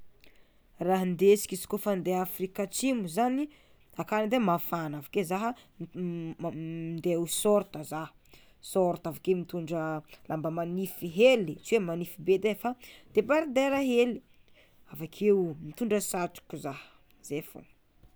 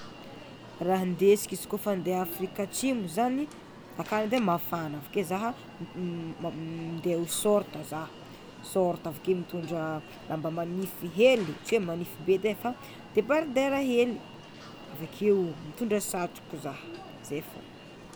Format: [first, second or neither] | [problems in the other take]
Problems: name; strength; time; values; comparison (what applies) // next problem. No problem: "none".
first | background sound (Alarm); 16 dB below the speech